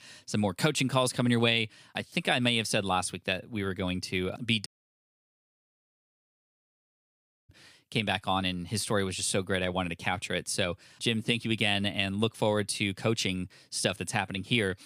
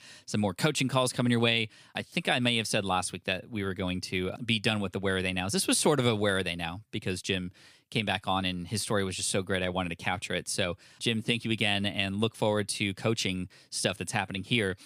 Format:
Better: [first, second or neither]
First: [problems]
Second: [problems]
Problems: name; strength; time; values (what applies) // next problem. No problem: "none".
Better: second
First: audio cutting out; at 4.5 s for 3 s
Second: none